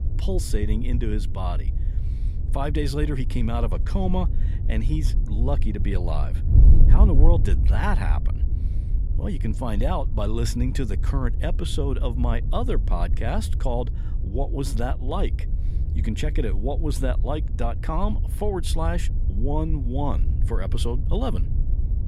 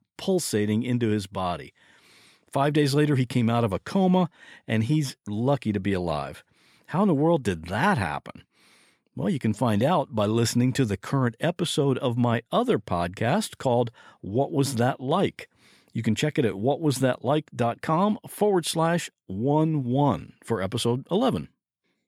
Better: second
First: wind noise on the microphone; occasional gusts; 10 dB below the speech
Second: none

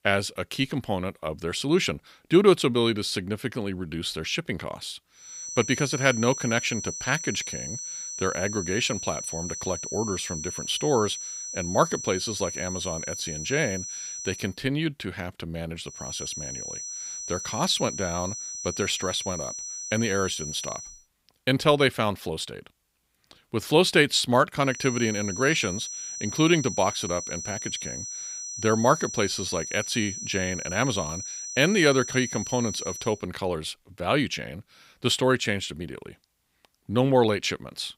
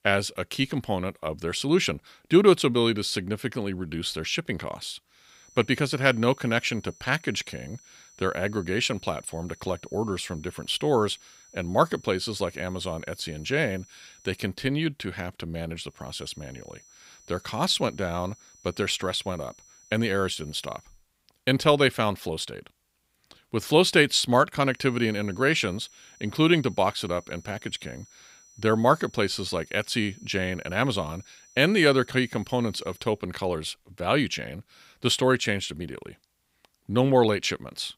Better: second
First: high-pitched whine; loud; from 5.5 to 14 s, from 16 to 21 s and from 25 to 33 s; 6 kHz, 7 dB below the speech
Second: high-pitched whine; faint; from 5.5 to 14 s, from 16 to 21 s and from 25 to 33 s; 6 kHz, 25 dB below the speech

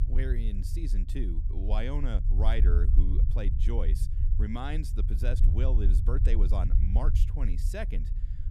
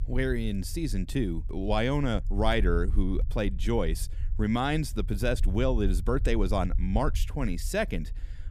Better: second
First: low rumble; loud; throughout; 8 dB below the speech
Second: low rumble; faint; throughout; 25 dB below the speech

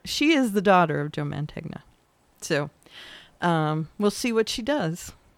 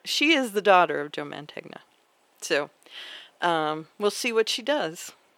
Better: first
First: none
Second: thin; somewhat; fading below 400 Hz

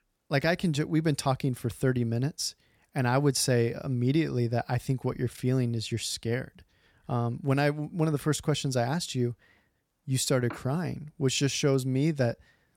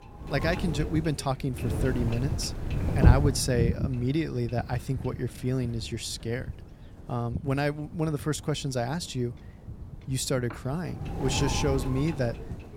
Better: first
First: none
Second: wind noise on the microphone; heavy; 6 dB below the speech

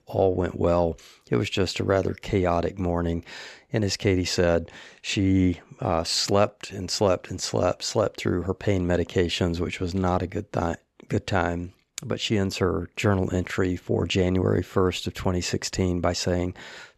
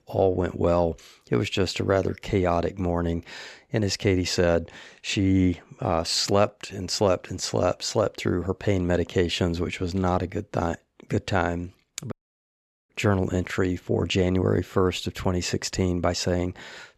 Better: first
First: none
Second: audio cutting out; at 12 s for 1 s

